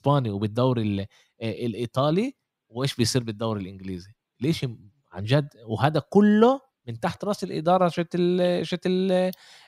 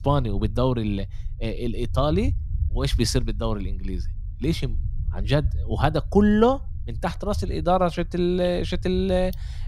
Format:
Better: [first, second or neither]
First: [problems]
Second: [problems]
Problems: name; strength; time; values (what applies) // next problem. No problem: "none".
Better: first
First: none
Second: low rumble; faint; throughout; 25 dB below the speech